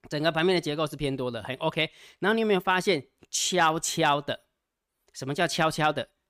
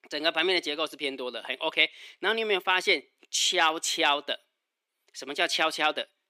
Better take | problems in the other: first | thin; somewhat; fading below 300 Hz

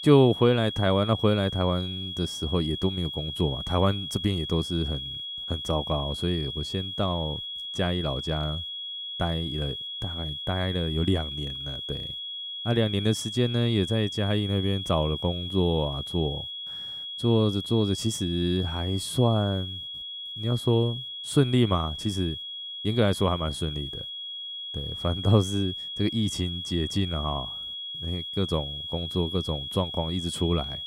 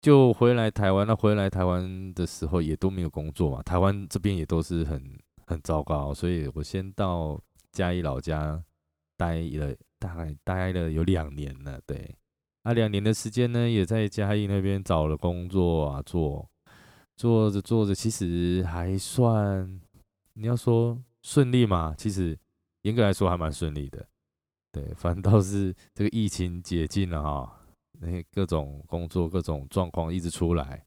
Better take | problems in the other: second | high-pitched whine; loud; throughout; 3.5 kHz, 6 dB below the speech

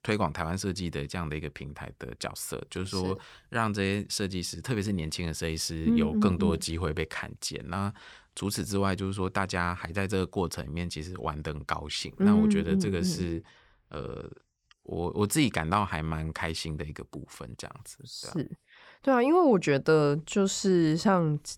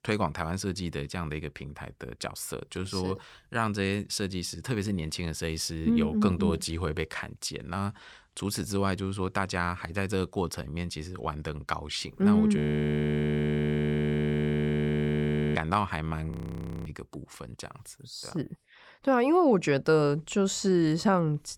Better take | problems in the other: first | audio freezing; at 13 s for 3 s and at 16 s for 0.5 s

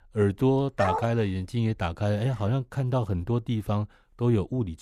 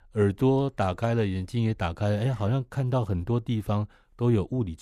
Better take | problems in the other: second | dog barking; noticeable; at 1 s; peak 2 dB below the speech

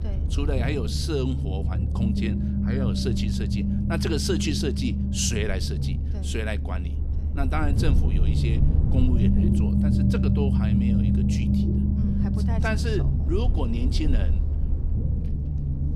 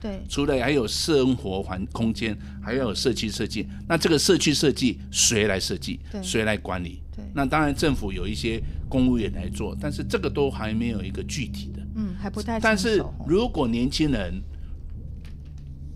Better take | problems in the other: second | low rumble; loud; throughout; 3 dB below the speech; faint in the second

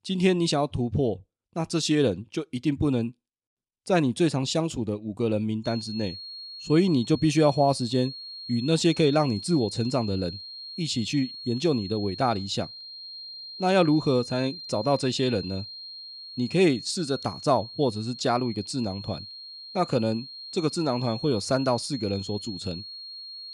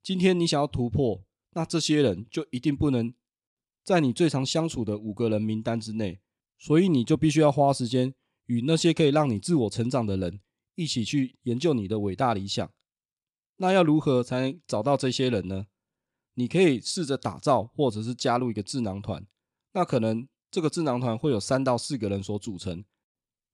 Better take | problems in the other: second | high-pitched whine; noticeable; from 5.5 s on; 4.5 kHz, 10 dB below the speech

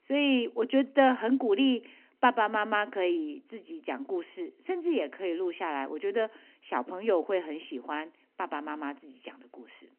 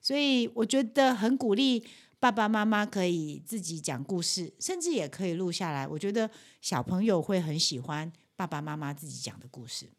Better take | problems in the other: second | phone-call audio; nothing above 3 kHz

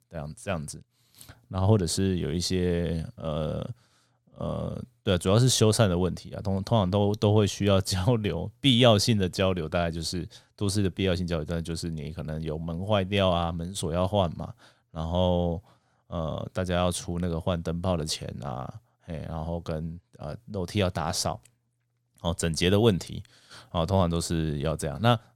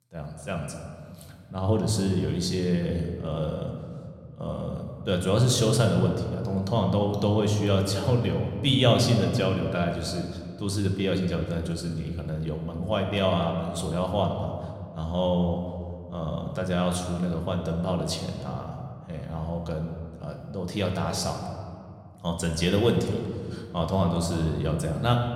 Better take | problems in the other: first | room echo; slight; dies away in 1.9 s

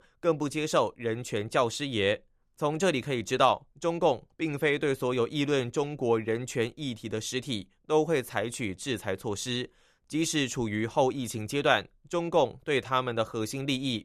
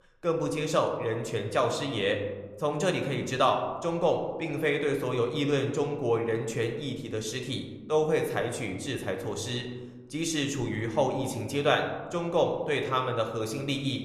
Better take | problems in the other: first | room echo; slight; dies away in 1 s

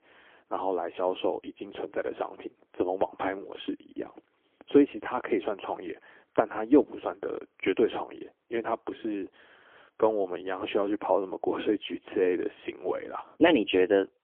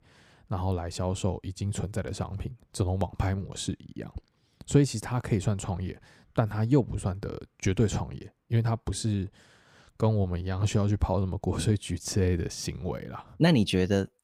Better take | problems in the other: second | phone-call audio; poor line; nothing above 3.5 kHz

